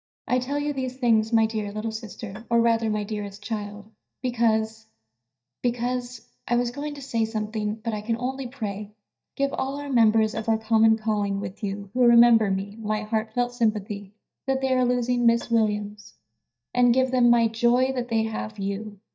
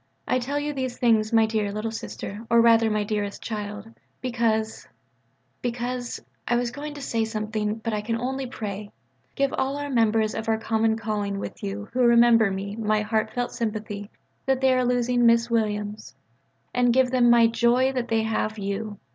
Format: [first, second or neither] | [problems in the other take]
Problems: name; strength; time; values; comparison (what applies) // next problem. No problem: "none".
second | noise reduction (neural mask model DeepFilterNet 3)